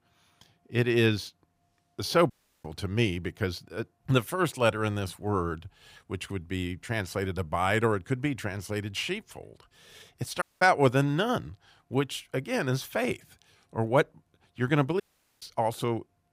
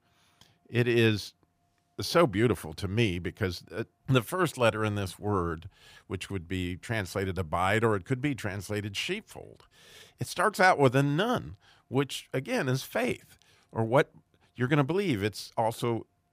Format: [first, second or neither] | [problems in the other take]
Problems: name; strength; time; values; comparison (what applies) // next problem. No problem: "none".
second | audio cutting out; at 2.5 s, at 10 s and at 15 s